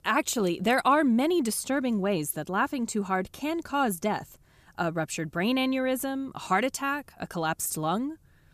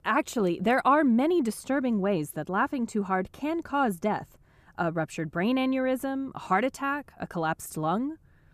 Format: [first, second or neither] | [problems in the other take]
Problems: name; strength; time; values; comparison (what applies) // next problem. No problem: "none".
first | muffled; slightly; fading above 2.5 kHz